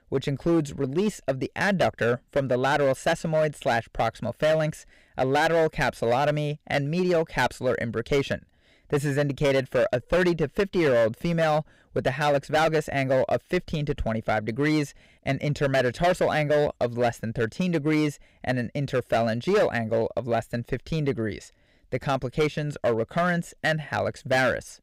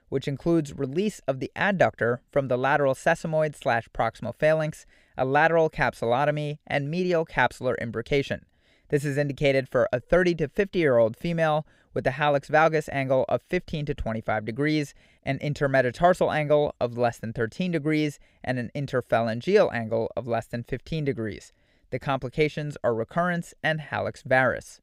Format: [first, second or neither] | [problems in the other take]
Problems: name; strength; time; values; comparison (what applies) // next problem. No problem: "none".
second | distortion; slight; 8% of the sound clipped